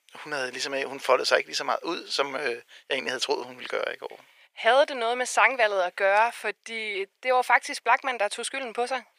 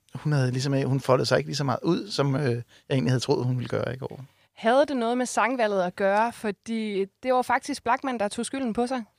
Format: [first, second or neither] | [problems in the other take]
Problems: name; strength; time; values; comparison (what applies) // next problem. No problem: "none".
second | thin; very; fading below 450 Hz